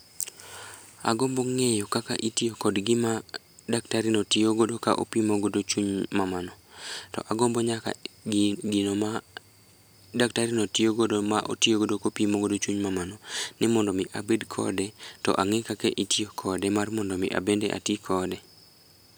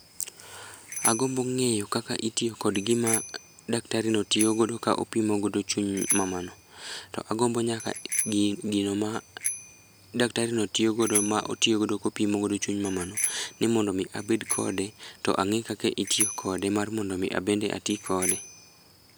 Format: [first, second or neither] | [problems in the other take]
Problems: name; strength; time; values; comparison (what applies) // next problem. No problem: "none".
first | background sound (Bicycle bell); 9 dB below the speech